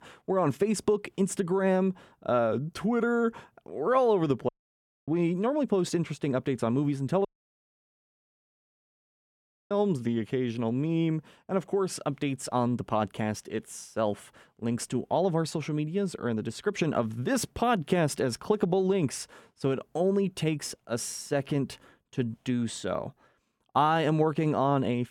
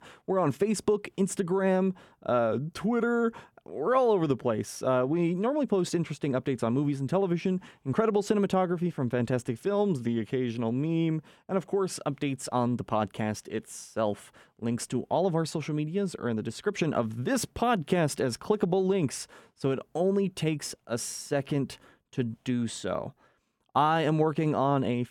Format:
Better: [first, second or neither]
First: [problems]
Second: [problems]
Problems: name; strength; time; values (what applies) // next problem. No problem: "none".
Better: second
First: audio cutting out; at 4.5 s for 0.5 s and at 7.5 s for 2.5 s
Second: none